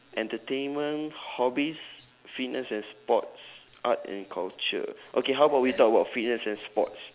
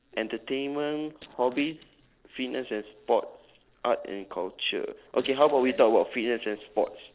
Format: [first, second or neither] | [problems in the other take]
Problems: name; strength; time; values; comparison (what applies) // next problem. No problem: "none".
first | noise reduction (neural separator model SepFormer DNS4)